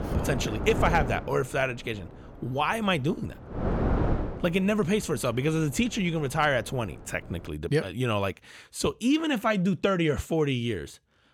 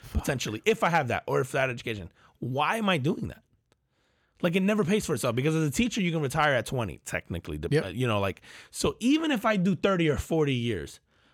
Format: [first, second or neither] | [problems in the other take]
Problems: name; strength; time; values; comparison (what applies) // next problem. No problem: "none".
second | wind noise on the microphone; heavy; until 7.5 s; 7 dB below the speech